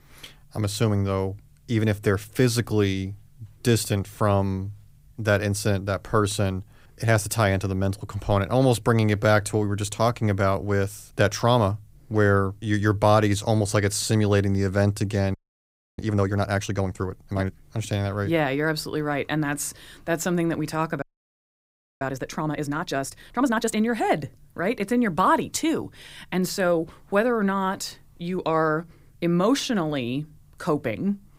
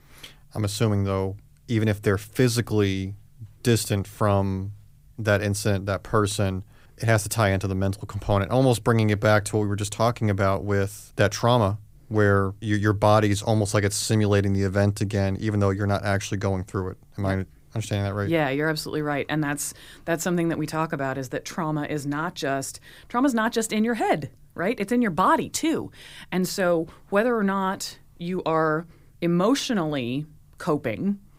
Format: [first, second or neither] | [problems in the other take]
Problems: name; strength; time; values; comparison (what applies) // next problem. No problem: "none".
second | audio freezing; at 15 s for 0.5 s and at 21 s for 1 s